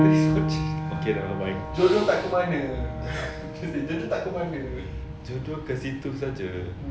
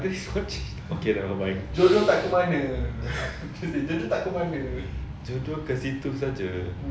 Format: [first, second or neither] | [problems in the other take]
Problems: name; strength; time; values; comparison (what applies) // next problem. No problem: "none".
second | background sound (Piano); 2 dB below the speech